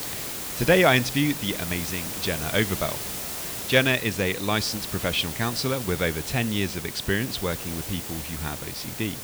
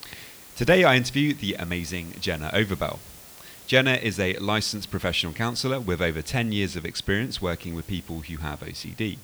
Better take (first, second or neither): second